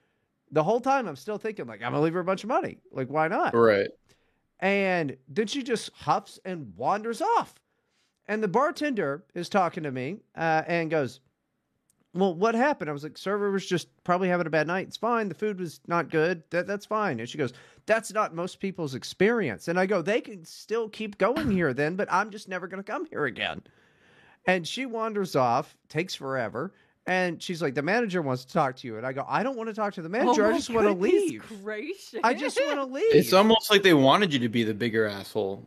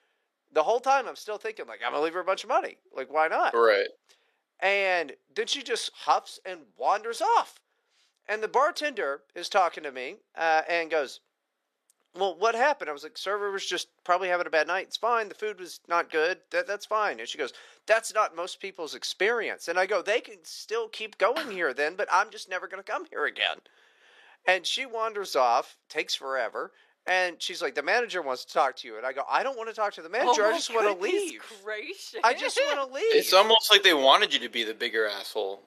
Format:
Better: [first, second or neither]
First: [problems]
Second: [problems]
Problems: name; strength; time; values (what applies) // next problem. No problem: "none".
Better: first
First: none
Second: thin; very; fading below 450 Hz